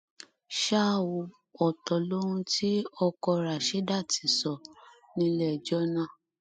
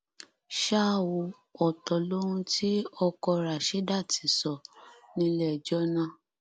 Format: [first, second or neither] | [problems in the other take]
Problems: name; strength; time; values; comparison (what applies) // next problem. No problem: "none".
second | noise reduction (classical method spectral subtraction)